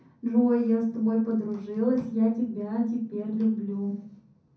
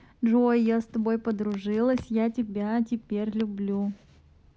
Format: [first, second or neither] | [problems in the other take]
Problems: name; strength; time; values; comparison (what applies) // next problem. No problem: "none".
second | room echo; dies away in 0.6 s